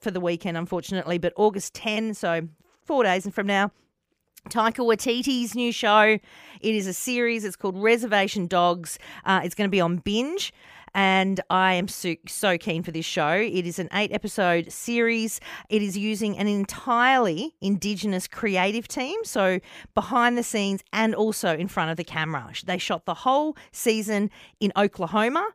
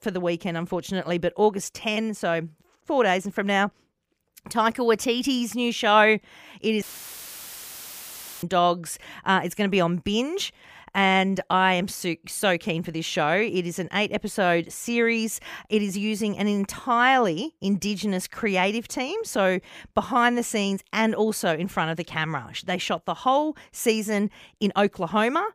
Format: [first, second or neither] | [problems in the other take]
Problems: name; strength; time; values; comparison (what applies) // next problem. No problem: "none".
first | audio cutting out; filled with static; at 7 s for 1.5 s